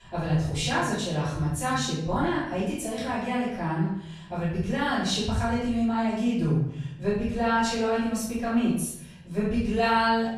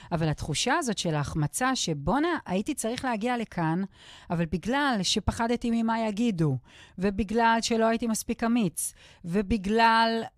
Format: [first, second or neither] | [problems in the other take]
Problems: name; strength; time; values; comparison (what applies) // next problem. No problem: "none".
second | off-mic speech; far // room echo; noticeable; dies away in 0.8 s